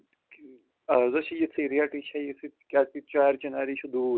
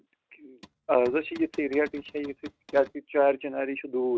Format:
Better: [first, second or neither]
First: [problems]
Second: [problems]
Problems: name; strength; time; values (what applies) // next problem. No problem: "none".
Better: first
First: none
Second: noise reduction (neural mask model RNNoise)